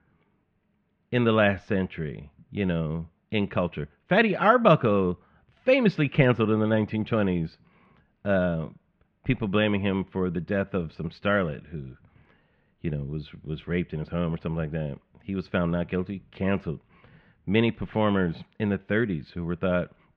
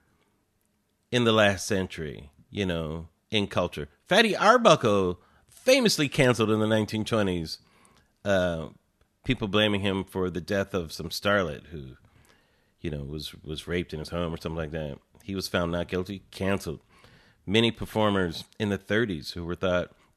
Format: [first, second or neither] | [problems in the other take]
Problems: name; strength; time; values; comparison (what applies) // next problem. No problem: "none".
second | muffled; very; fading above 2.5 kHz